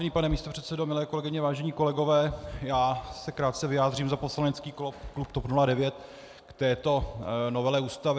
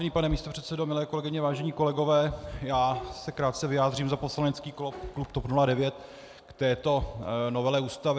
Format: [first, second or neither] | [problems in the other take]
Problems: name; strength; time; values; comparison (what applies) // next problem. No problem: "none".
first | background sound (Bowed string instrument); 20 dB below the speech